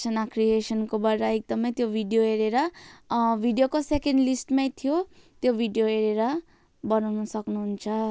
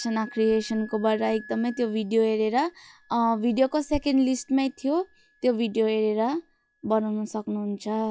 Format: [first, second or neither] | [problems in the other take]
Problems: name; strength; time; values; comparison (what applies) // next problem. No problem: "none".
first | noise reduction (classical method log-MMSE)